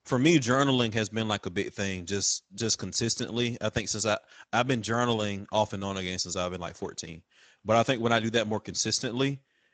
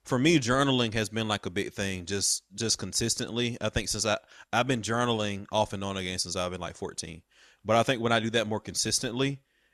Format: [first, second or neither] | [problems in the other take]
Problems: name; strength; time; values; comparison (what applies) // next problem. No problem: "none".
second | garbled, watery; slightly; nothing above 7.5 kHz